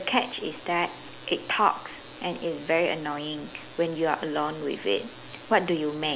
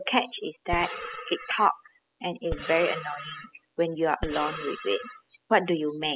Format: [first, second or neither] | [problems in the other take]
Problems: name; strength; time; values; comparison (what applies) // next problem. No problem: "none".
first | noise reduction (classical method spectral subtraction)